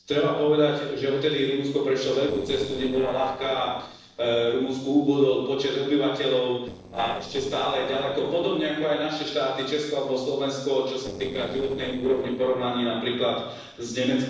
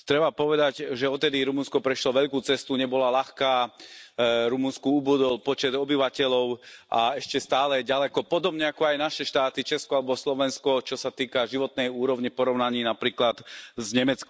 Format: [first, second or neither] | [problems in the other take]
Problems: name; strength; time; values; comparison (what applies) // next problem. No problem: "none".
second | noise reduction (neural separator model SepFormer DNS4)